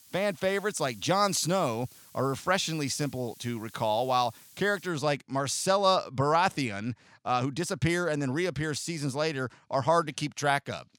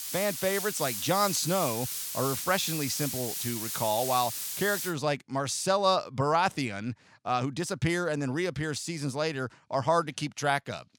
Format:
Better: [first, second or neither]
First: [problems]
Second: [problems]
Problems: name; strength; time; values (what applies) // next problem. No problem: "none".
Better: first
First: hiss; faint; until 5 s; 25 dB below the speech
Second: hiss; loud; until 5 s; 3 dB below the speech